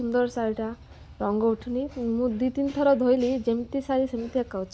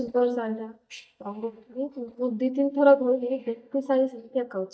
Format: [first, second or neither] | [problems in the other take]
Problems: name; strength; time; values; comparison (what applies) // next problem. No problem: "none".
first | noise reduction (neural mask model DeepFilterNet 3)